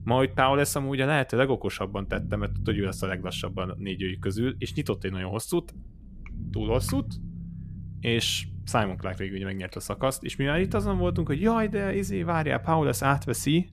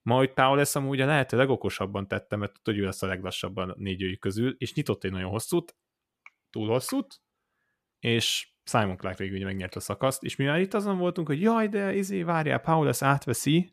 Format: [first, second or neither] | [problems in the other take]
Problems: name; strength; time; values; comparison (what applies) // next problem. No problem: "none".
second | low rumble; faint; throughout; 20 dB below the speech